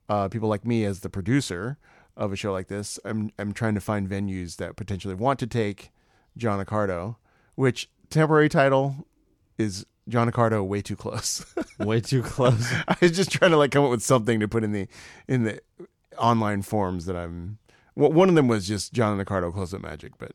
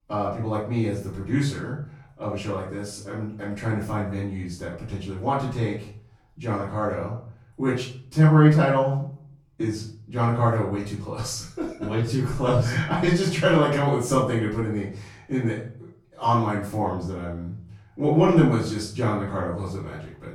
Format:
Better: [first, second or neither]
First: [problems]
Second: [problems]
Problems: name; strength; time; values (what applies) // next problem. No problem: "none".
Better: first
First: none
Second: off-mic speech; far // room echo; noticeable; dies away in 0.5 s